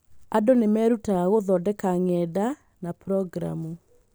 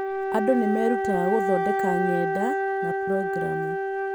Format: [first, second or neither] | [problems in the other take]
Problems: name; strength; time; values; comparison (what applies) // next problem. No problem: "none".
first | background sound (Wind instrument, woodwind instrument); 2 dB above the speech